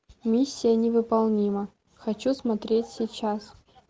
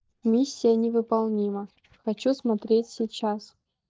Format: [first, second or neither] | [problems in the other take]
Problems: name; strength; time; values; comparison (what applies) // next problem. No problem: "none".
first | noise reduction (neural mask model DeepFilterNet 3)